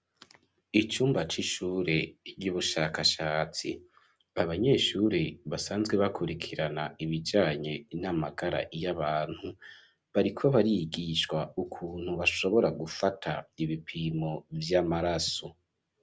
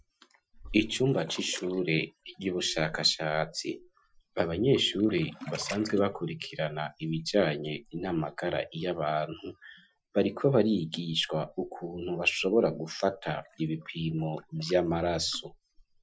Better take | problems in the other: first | noise reduction (classical method Wiener filter)

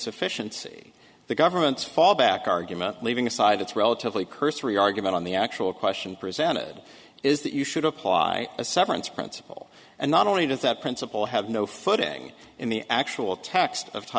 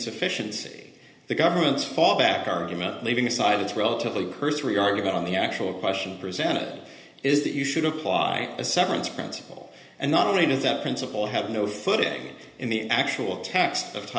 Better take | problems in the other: first | room echo; dies away in 0.8 s

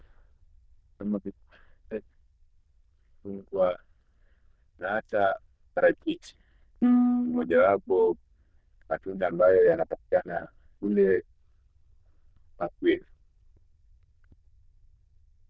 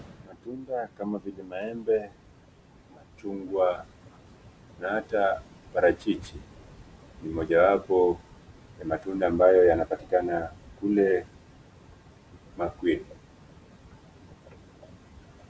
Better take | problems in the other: second | noise reduction (neural diffusion model UNIVERSE++)

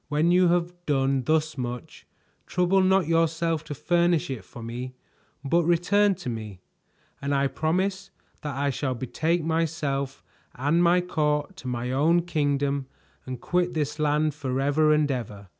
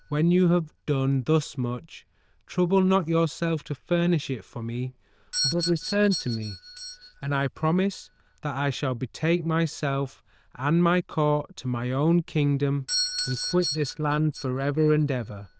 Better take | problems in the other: first | noise reduction (neural diffusion model UNIVERSE++)

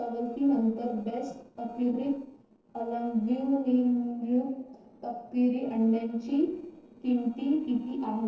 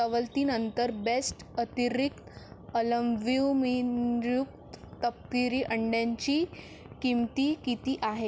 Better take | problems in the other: second | noise reduction (neural separator model SepFormer DNS4)

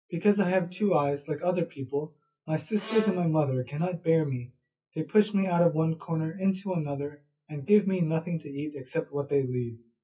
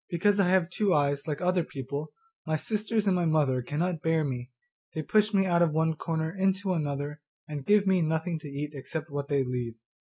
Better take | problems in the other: second | noise reduction (classical method WPE with log-MMSE)

